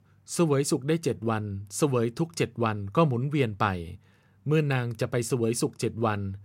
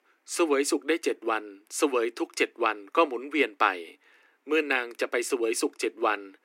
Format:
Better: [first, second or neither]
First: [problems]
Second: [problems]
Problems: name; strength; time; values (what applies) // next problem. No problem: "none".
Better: first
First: none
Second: thin; somewhat; fading below 300 Hz